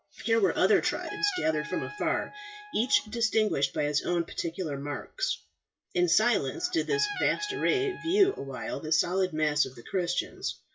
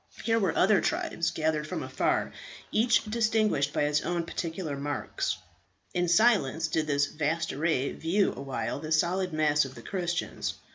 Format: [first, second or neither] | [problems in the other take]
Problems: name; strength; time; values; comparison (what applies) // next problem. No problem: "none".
second | noise reduction (classical method WPE with log-MMSE)